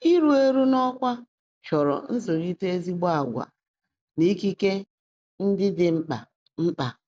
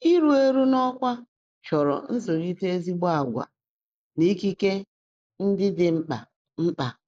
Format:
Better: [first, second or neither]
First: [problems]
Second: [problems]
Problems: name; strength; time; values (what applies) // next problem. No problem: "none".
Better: first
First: none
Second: noise reduction (neural mask model Resemble Enhance denoiser)